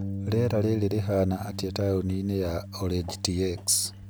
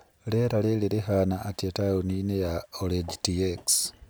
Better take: second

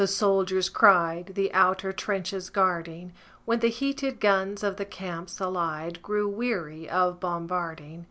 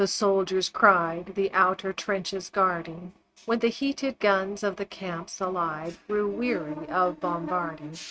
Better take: first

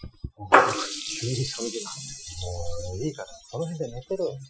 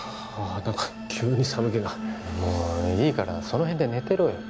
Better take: second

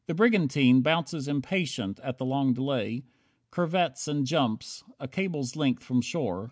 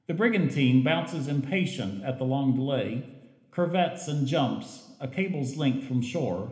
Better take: first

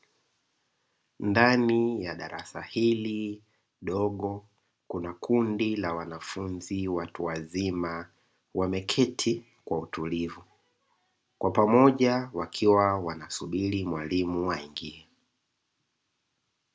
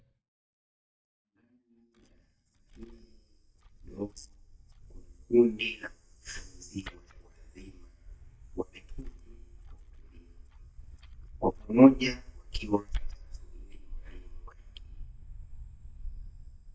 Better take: first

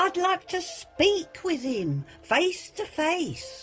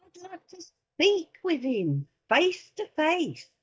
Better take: first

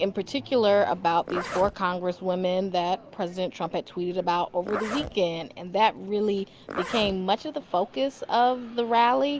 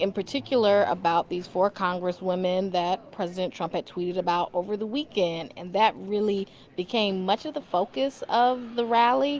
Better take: second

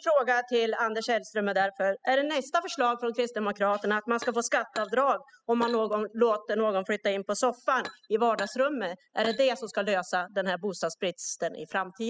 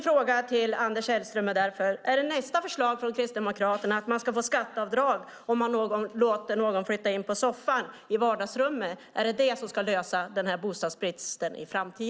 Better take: second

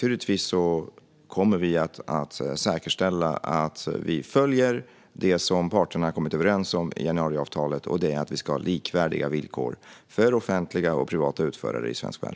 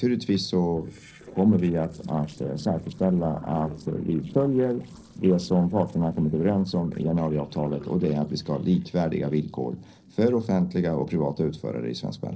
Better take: first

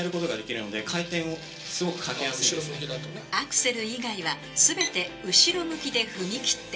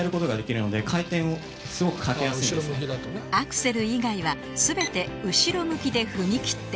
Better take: second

